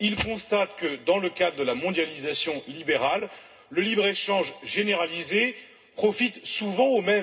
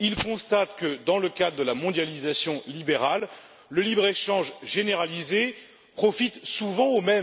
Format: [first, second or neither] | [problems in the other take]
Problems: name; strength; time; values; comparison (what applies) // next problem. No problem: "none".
second | room echo; dies away in 0.2 s